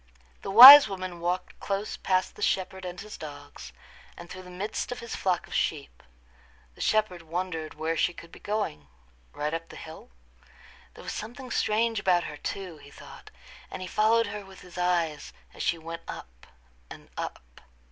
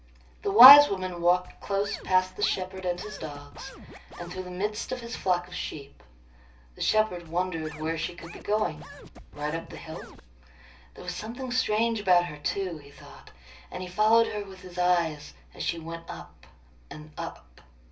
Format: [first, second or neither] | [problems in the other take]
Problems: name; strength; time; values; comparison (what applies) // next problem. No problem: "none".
first | background sound (Scratching (performance technique)); 17 dB below the speech // room echo; dies away in 0.4 s